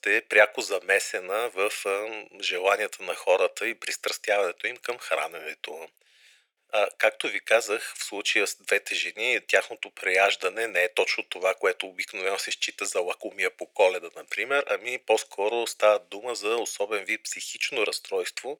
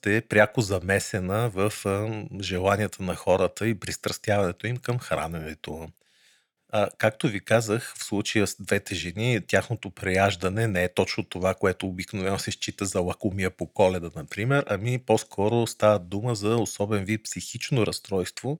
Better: second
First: thin; very; fading below 450 Hz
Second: none

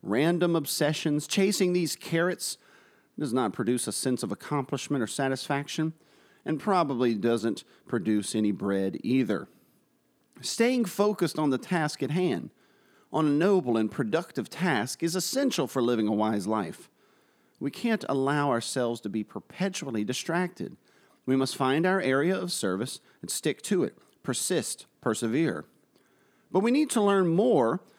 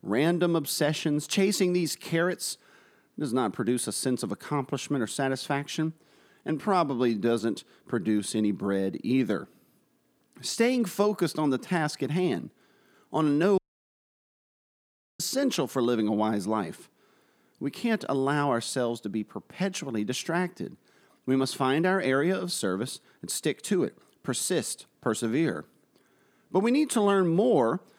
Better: first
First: none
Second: audio cutting out; at 14 s for 1.5 s

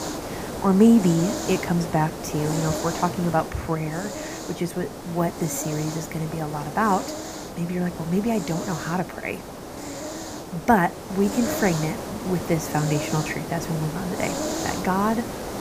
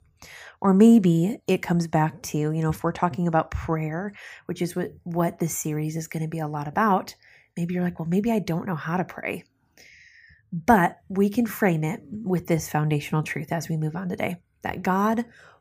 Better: second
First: hiss; loud; throughout; 7 dB below the speech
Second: none

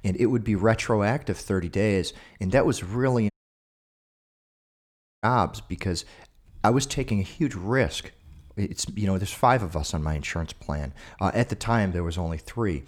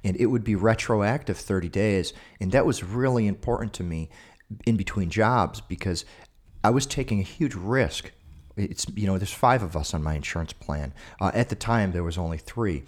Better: second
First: audio cutting out; at 3.5 s for 2 s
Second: none

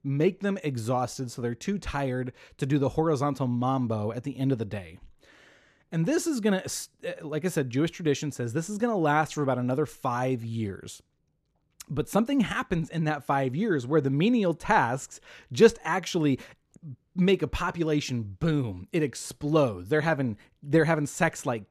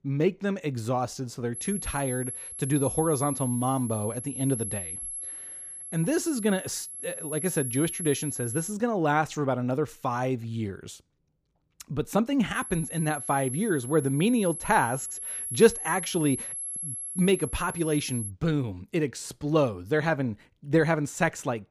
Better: first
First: none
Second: high-pitched whine; loud; from 1.5 to 8.5 s and from 13 to 18 s; 11 kHz, 6 dB below the speech

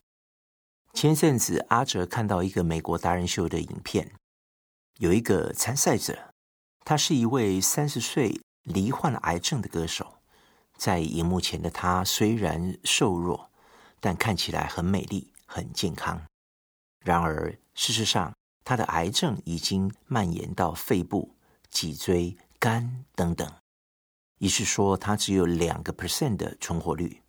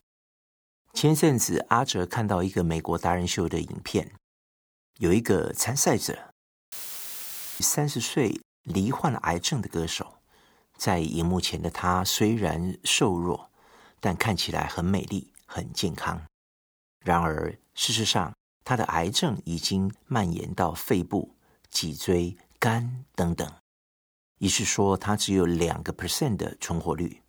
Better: first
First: none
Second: audio cutting out; filled with static; at 6.5 s for 1 s

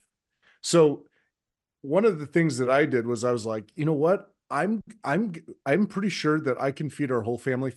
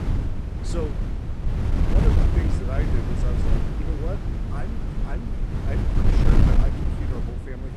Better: first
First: none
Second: wind noise on the microphone; heavy; 3 dB above the speech

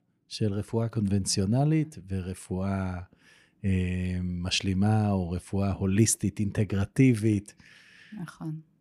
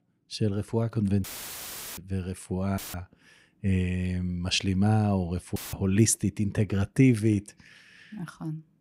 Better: first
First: none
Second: audio cutting out; filled with static; at 1 s for 0.5 s, at 3 s and at 5.5 s

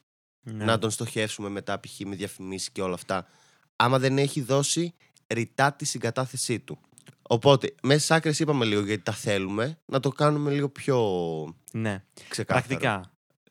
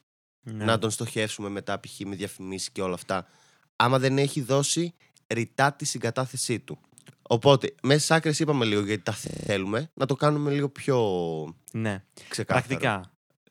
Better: first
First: none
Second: audio freezing; at 9.5 s

